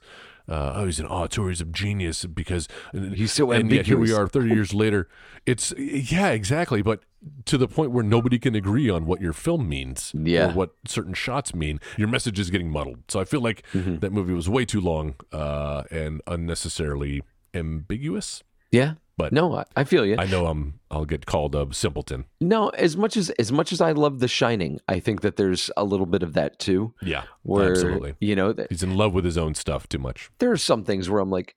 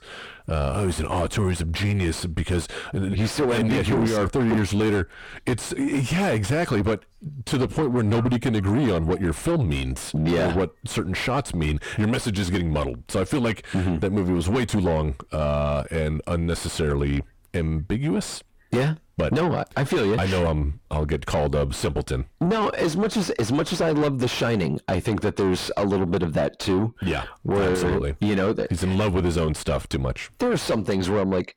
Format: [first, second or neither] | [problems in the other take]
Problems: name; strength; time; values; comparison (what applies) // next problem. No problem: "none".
first | distortion; heavy; 5 dB below the speech